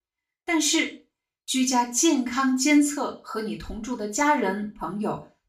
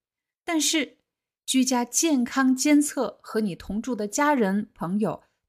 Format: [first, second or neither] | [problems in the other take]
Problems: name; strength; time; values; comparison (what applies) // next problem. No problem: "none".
second | room echo; slight; dies away in 0.3 s // off-mic speech; far